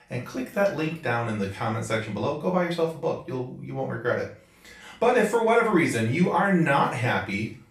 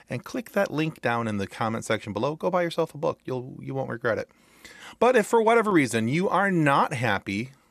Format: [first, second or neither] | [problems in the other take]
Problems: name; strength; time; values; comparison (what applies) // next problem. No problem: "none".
second | room echo; slight; dies away in 0.3 s // off-mic speech; far